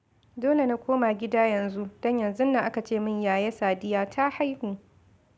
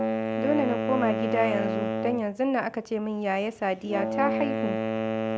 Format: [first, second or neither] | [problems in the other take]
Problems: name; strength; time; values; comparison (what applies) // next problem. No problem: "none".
first | background sound (Wind instrument, woodwind instrument); 1 dB below the speech